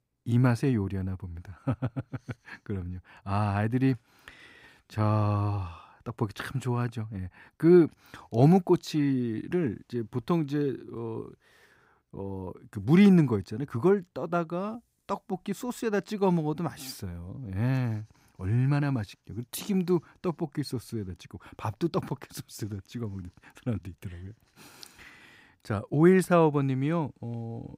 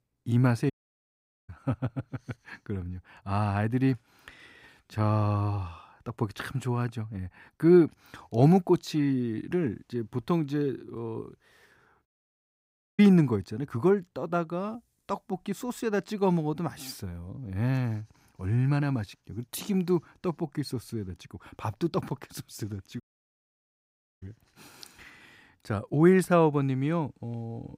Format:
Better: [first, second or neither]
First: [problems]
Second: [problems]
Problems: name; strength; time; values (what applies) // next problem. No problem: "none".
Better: first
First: none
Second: audio cutting out; at 0.5 s for 1 s, at 12 s for 1 s and at 23 s for 1 s